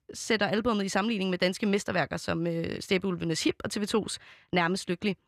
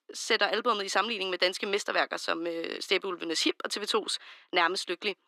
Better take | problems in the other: first | thin; very; fading below 300 Hz

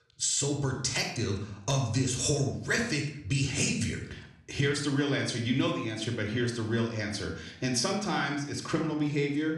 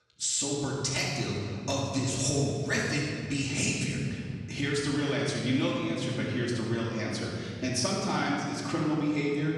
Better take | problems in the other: first | room echo; strong; dies away in 2.4 s; slight in the first // off-mic speech; far; somewhat distant in the first

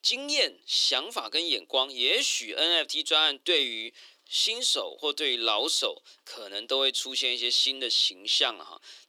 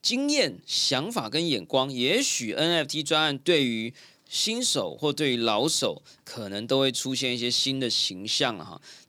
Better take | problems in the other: second | thin; somewhat; fading below 350 Hz

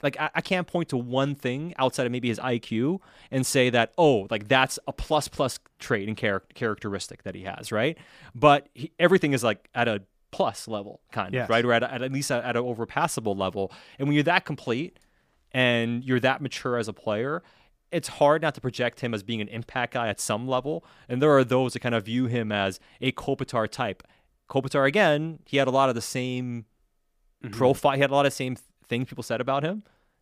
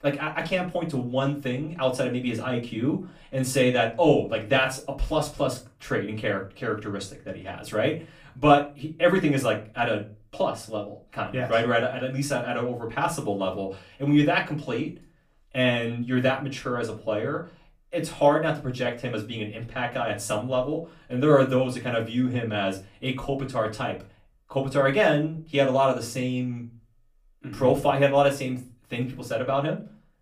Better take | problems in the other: first | off-mic speech; far // room echo; very slight; dies away in 0.3 s

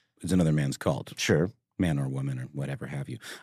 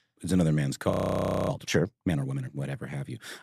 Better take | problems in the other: first | audio freezing; at 1 s for 0.5 s

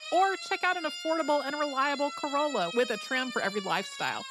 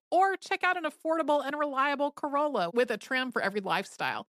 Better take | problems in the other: second | siren; noticeable; peak 7 dB below the speech

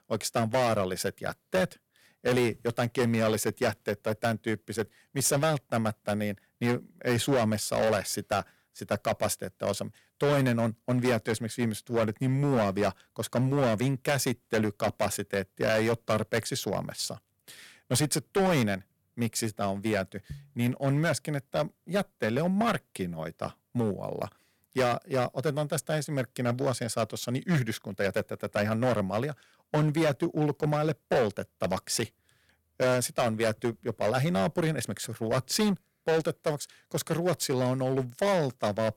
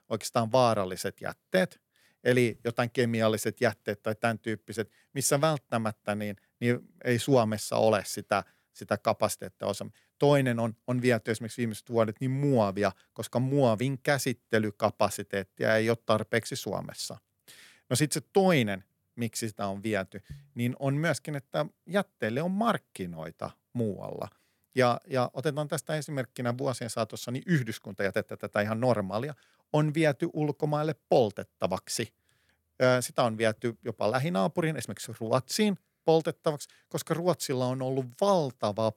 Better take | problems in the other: second | distortion; heavy; 8% of the sound clipped

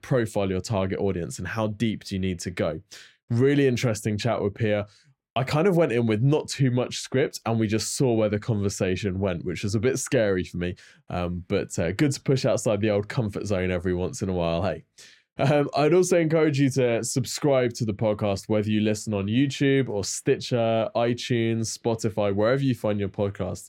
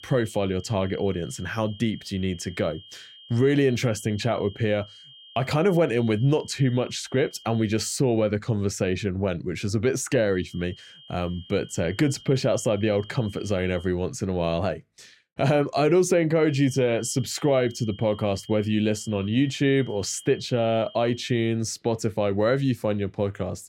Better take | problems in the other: first | high-pitched whine; faint; until 8 s, from 10 to 14 s and from 16 to 22 s; 3 kHz, 20 dB below the speech

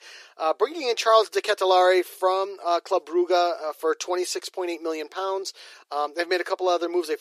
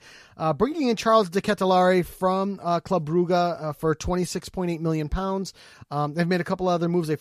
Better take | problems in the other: second | thin; very; fading below 350 Hz

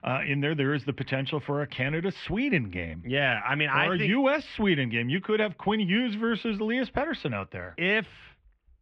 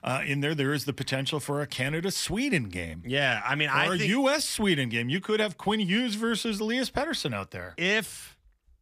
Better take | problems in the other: second | muffled; very; fading above 3 kHz

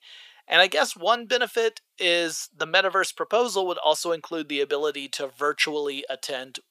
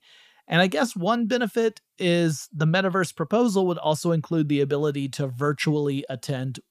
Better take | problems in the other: second | thin; very; fading below 450 Hz

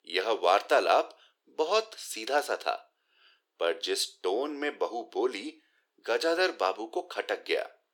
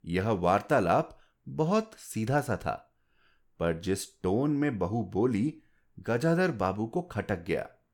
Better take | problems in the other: second | thin; very; fading below 350 Hz

